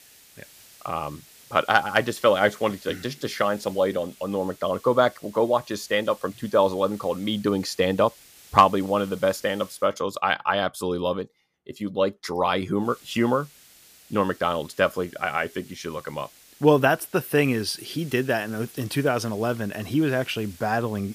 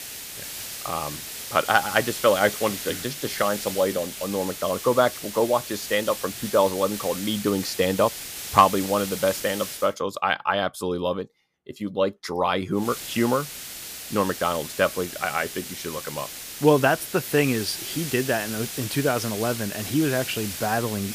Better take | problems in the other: first | hiss; loud; until 10 s and from 13 s on; 8 dB below the speech; faint in the first

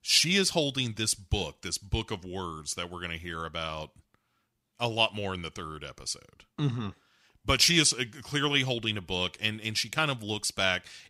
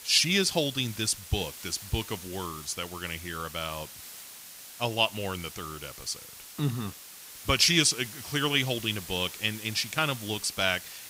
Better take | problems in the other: first | hiss; noticeable; throughout; 15 dB below the speech

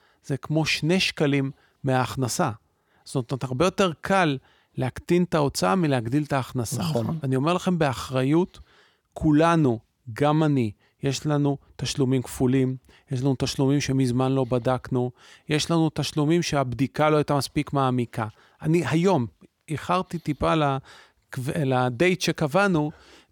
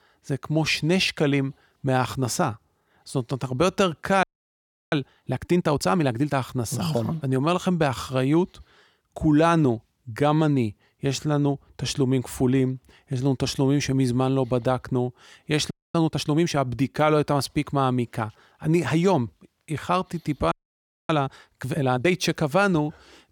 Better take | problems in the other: first | audio freezing; at 4 s for 0.5 s, at 16 s and at 21 s for 0.5 s

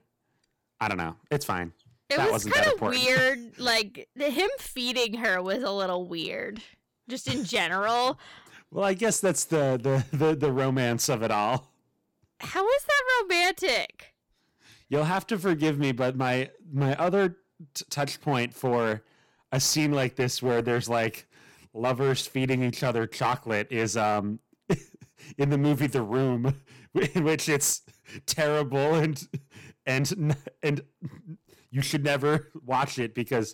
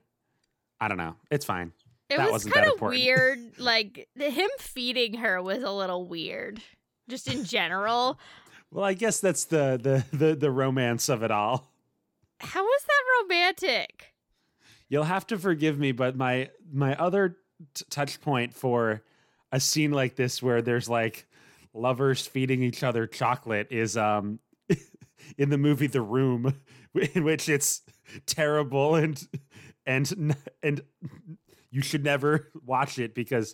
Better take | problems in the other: second | distortion; slight; 6% of the sound clipped

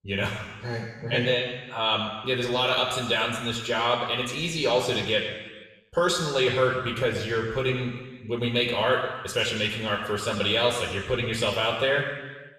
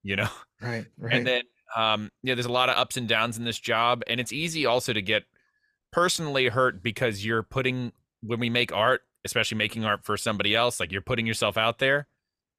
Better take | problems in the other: second | room echo; noticeable; dies away in 1.2 s // off-mic speech; somewhat distant

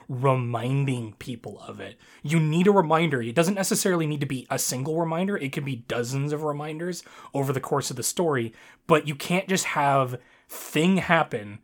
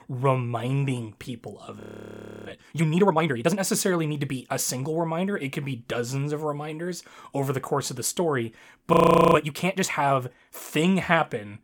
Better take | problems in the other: first | audio freezing; at 2 s for 0.5 s and at 9 s

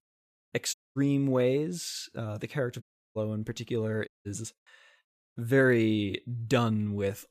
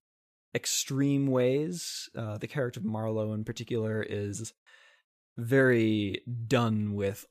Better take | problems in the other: second | audio cutting out; at 0.5 s, at 3 s and at 4 s

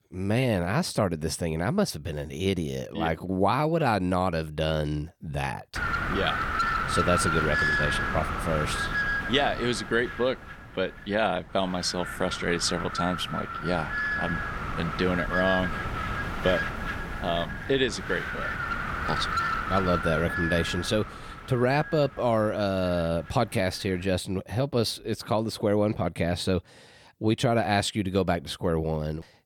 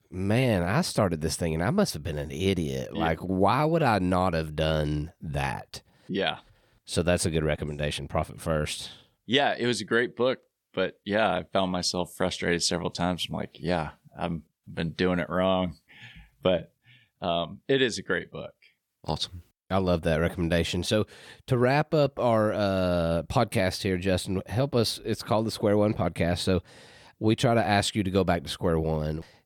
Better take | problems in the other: second | wind noise on the microphone; heavy; from 6 to 24 s; as loud as the speech

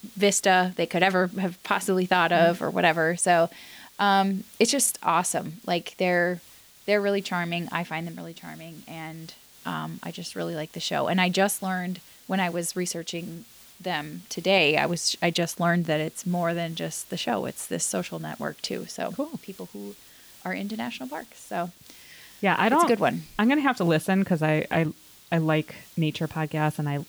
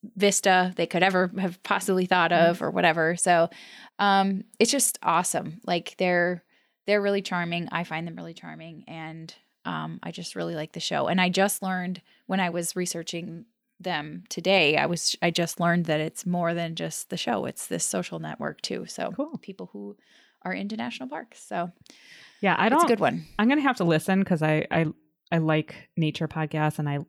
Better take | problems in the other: second | hiss; faint; throughout; 25 dB below the speech

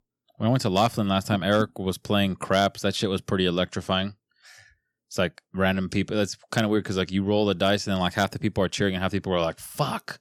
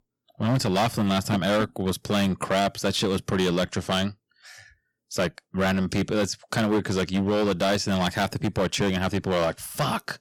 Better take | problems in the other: first | distortion; heavy; 11% of the sound clipped

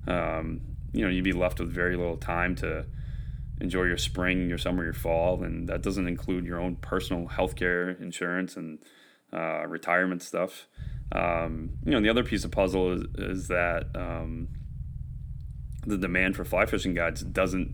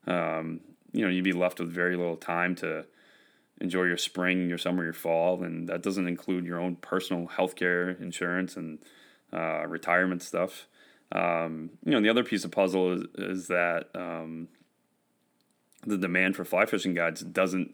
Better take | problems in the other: second | low rumble; faint; until 7.5 s and from 11 s on; 25 dB below the speech

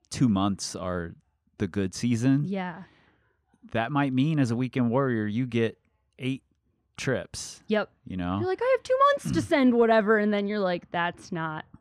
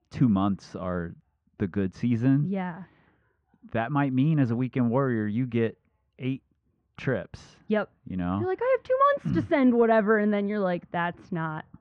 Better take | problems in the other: first | muffled; very; fading above 2.5 kHz

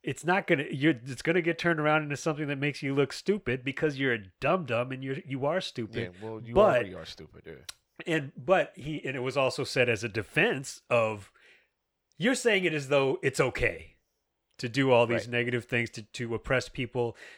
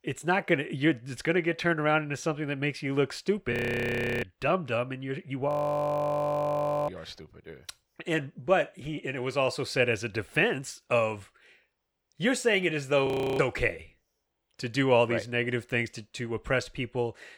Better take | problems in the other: first | audio freezing; at 3.5 s for 0.5 s, at 5.5 s for 1.5 s and at 13 s

